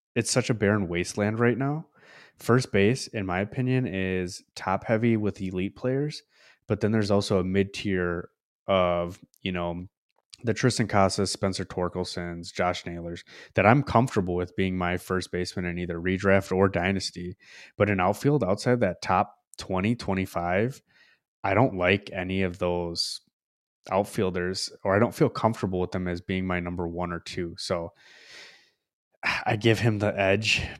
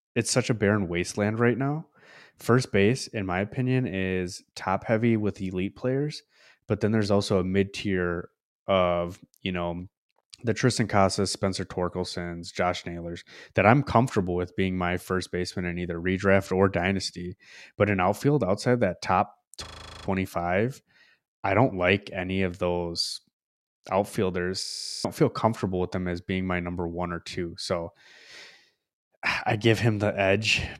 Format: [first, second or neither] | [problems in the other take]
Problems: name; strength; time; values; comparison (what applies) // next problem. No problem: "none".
first | audio freezing; at 20 s and at 25 s